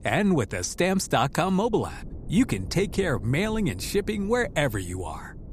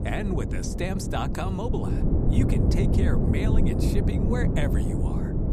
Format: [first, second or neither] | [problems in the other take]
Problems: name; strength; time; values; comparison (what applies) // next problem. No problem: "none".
first | wind noise on the microphone; heavy; as loud as the speech; occasional gusts in the first